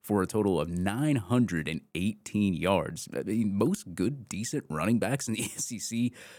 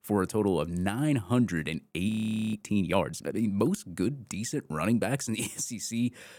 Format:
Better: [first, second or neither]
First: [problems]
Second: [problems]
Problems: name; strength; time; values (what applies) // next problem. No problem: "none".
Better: first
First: none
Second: audio freezing; at 2 s